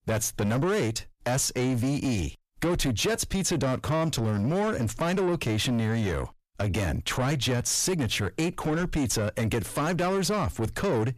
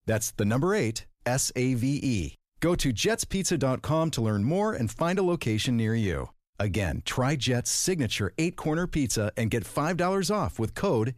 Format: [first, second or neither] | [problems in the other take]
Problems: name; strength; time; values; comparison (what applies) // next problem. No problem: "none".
second | distortion; slight; 10 dB below the speech